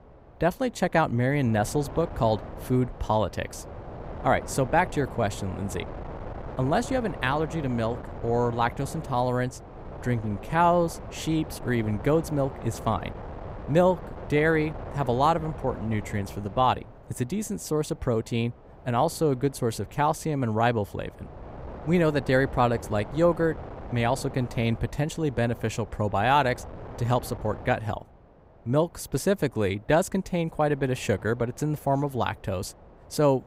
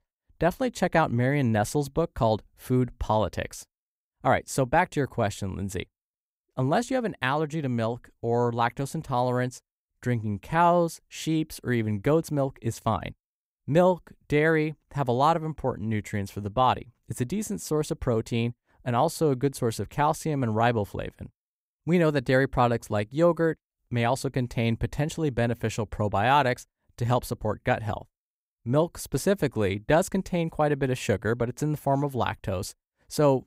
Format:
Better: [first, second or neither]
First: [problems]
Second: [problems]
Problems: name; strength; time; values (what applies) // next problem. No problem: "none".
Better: second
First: wind noise on the microphone; occasional gusts; 15 dB below the speech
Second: none